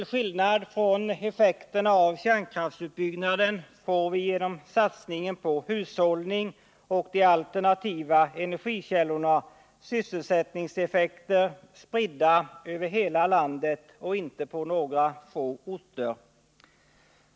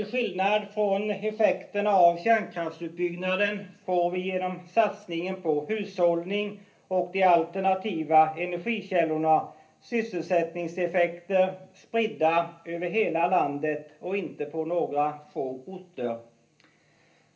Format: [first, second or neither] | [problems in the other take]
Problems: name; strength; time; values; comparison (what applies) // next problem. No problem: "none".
first | room echo; dies away in 0.3 s